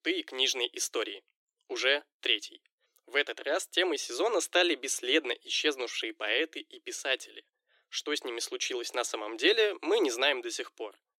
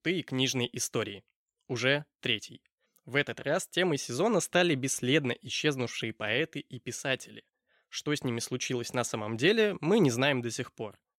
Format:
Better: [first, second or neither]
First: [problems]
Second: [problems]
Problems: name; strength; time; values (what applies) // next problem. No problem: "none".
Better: second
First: thin; very; fading below 300 Hz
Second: none